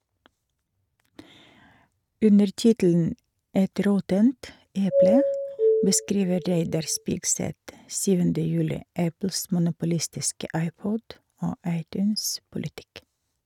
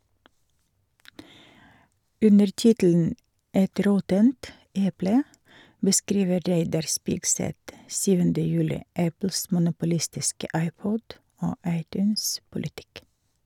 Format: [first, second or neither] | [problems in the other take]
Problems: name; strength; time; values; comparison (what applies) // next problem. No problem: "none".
second | noise reduction (neural mask model RNNoise)